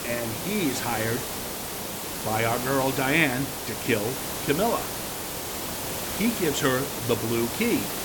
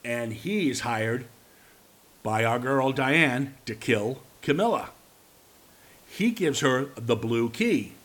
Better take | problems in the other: second | hiss; loud; throughout; 3 dB below the speech; faint in the second

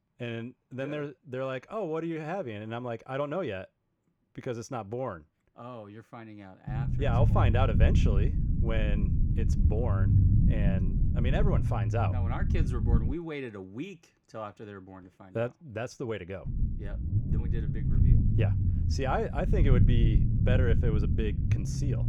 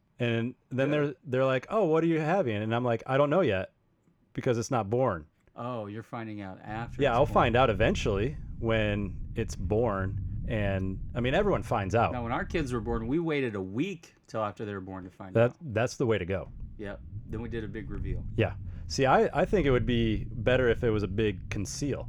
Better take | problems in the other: second | low rumble; loud; from 6.5 to 13 s and from 16 s on; 5 dB below the speech; faint in the second

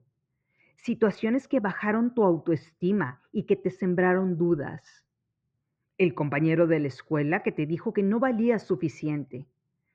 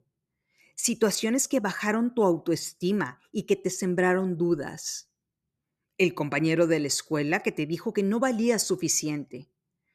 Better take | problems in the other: second | muffled; very; fading above 2.5 kHz

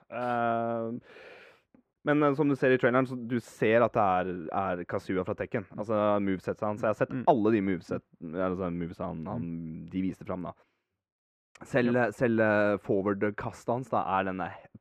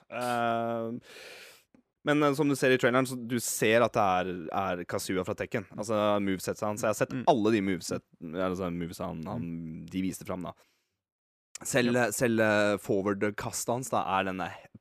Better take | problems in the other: second | muffled; very; fading above 4 kHz

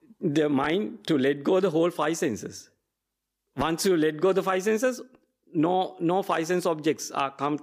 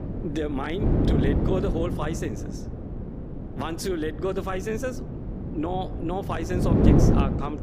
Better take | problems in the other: first | wind noise on the microphone; heavy; 2 dB below the speech

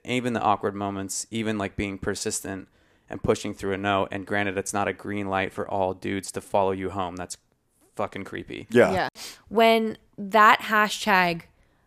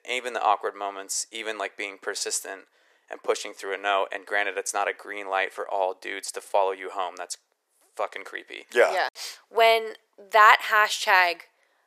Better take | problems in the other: first | thin; very; fading below 450 Hz

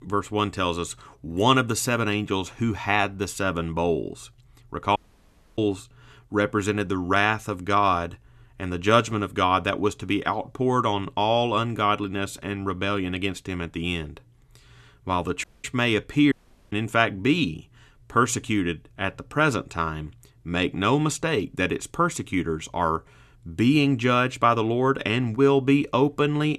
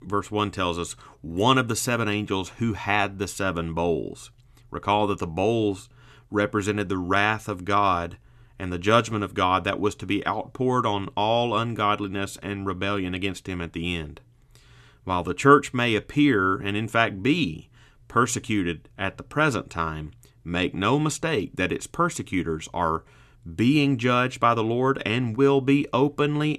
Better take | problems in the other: second | audio cutting out; at 5 s for 0.5 s, at 15 s and at 16 s

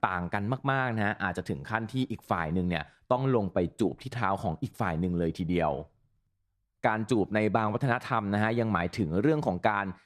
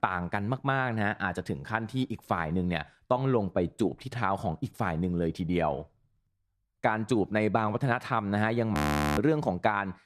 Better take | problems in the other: first | audio freezing; at 9 s

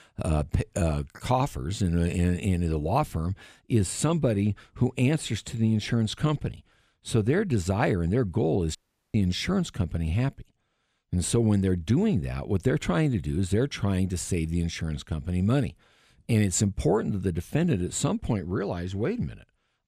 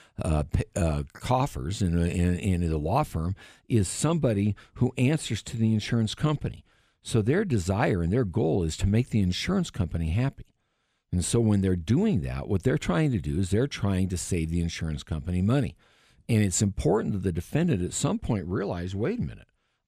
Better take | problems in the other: second | audio cutting out; at 9 s

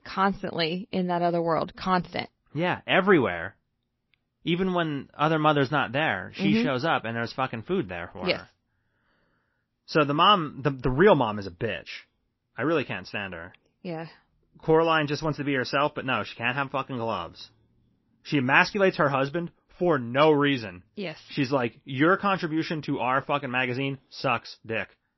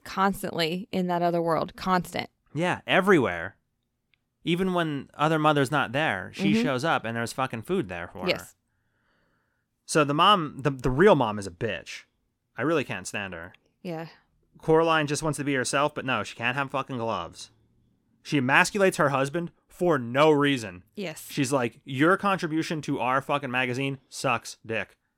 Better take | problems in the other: second | garbled, watery; slightly; nothing above 5.5 kHz

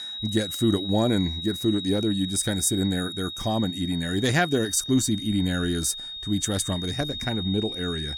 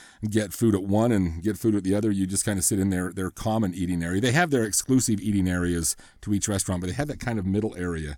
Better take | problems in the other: second | high-pitched whine; loud; throughout; 3.5 kHz, 7 dB below the speech

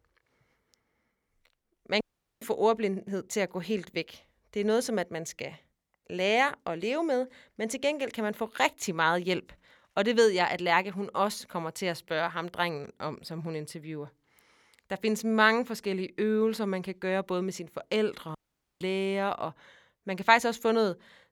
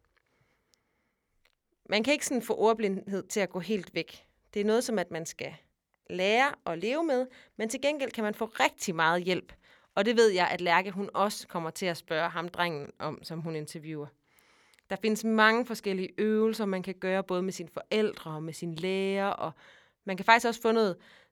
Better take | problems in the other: second | audio cutting out; at 2 s and at 18 s

